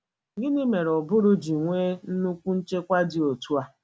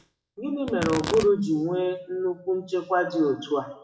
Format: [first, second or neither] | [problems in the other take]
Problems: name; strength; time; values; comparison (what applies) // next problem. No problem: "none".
first | noise reduction (classical method WPE with log-MMSE)